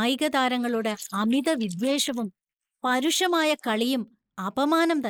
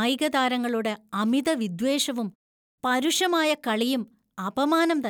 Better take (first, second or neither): second